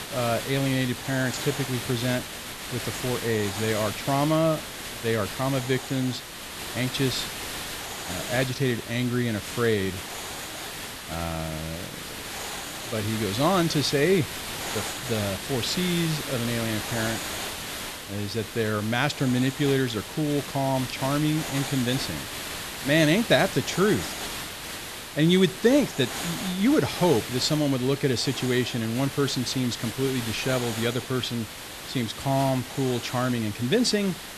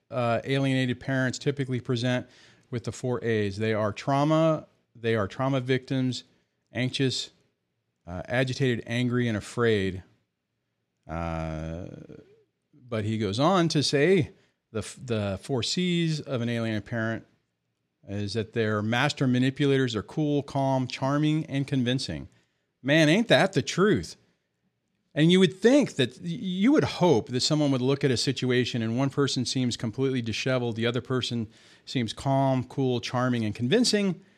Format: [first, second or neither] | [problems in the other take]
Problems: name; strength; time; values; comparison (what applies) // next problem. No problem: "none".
second | hiss; loud; throughout; 7 dB below the speech